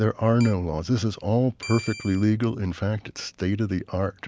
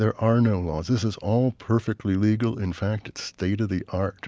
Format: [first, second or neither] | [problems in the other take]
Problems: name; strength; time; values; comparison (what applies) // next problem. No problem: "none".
second | background sound (Keyboard (musical)); 17 dB below the speech